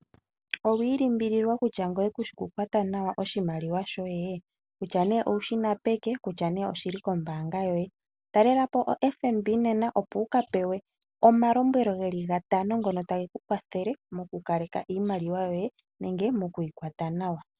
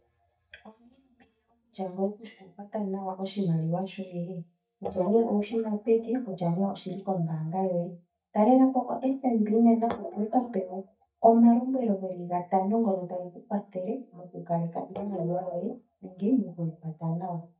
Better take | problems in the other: first | noise reduction (neural mask model DeepFilterNet 3)

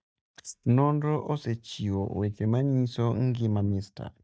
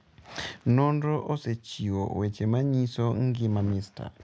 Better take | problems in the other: second | noise reduction (neural mask model DeepFilterNet 3)

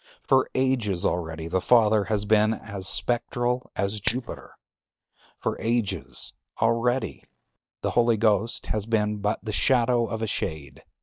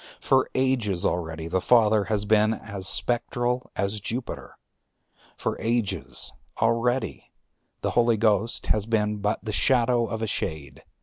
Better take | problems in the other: second | noise reduction (neural mask model DeepFilterNet 3)

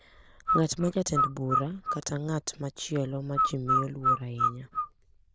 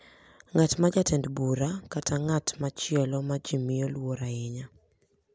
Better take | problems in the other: second | noise reduction (neural diffusion model UNIVERSE++)

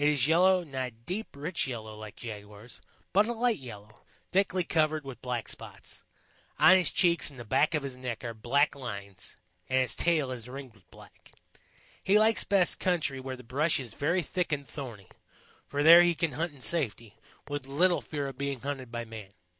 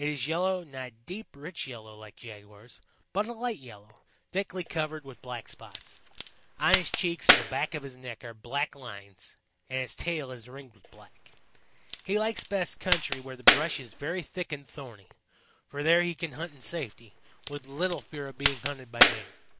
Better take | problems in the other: first | background sound (Crack); 3 dB above the speech

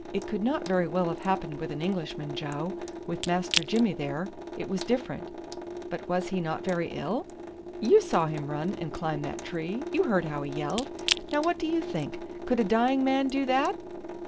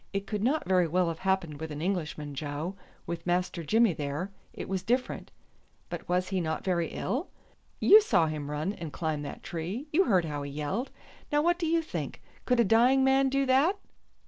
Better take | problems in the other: second | background sound (Drip / Sink (filling or washing) / Water tap, faucet + Crack / Crushing); 7 dB below the speech

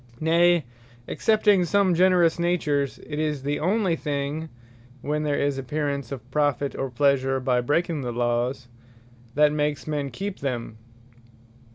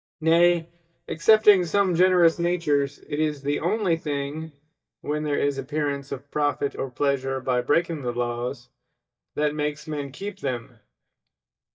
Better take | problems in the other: first | noise reduction (neural mask model DeepFilterNet 3)

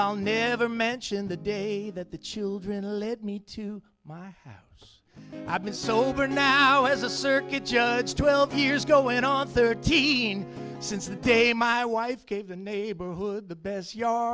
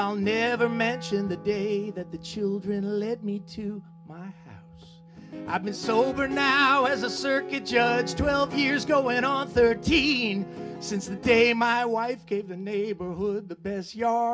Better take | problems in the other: first | background sound (Wind instrument, woodwind instrument); 18 dB below the speech // room echo; dies away in 0.3 s

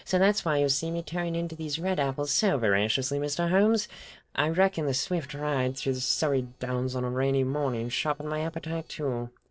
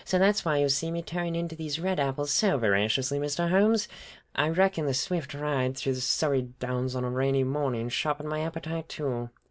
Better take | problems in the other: second | noise reduction (neural separator model SepFormer DNS4)

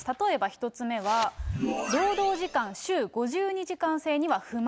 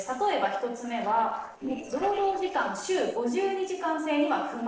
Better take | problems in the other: first | noise reduction (neural separator model SepFormer DNS4)

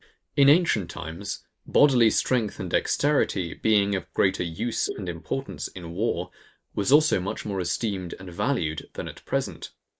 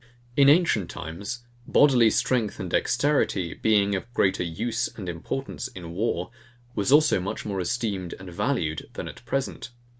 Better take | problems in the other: second | noise reduction (neural mask model Resemble Enhance denoiser)

